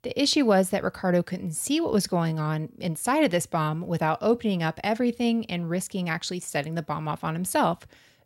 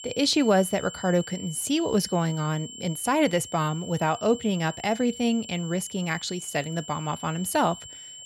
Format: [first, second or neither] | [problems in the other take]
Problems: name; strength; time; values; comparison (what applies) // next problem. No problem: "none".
first | high-pitched whine; noticeable; throughout; 3 kHz, 15 dB below the speech